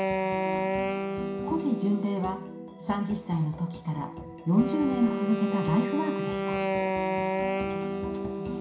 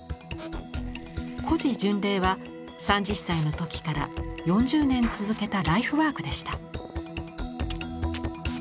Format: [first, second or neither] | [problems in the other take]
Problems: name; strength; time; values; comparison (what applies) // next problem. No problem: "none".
second | background sound (Wind instrument, woodwind instrument); 1 dB below the speech // room echo; dies away in 0.5 s